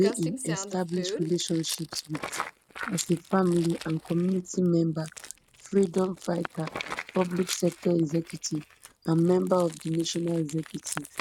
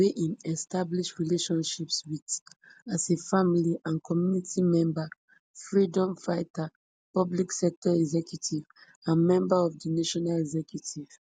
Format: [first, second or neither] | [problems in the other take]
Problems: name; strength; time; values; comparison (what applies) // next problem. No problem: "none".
second | noise reduction (neural mask model RNNoise)